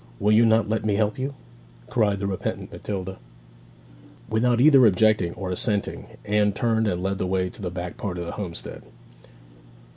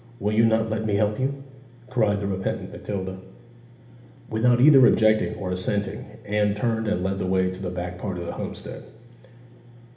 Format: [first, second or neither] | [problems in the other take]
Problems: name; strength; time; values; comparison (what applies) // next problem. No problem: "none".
first | room echo; dies away in 1 s